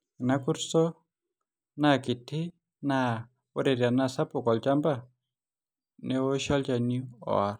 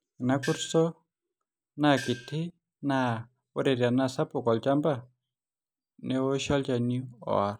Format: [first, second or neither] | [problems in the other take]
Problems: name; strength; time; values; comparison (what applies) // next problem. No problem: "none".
first | background sound (Gong); 12 dB below the speech